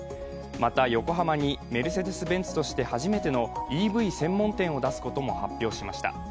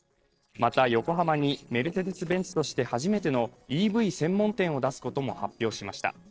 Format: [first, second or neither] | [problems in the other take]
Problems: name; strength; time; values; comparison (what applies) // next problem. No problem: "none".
first | noise reduction (neural separator model SepFormer DNS4)